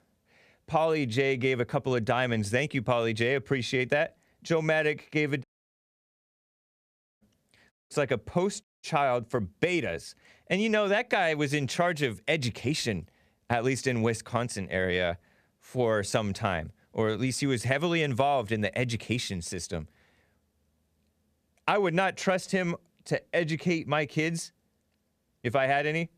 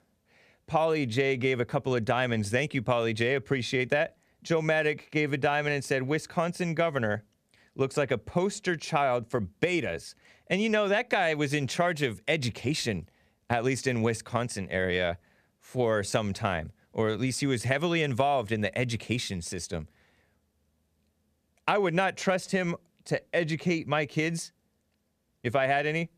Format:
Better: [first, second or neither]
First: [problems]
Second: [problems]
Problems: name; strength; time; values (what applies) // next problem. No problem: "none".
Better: second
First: audio cutting out; at 5.5 s for 2 s, at 7.5 s and at 8.5 s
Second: none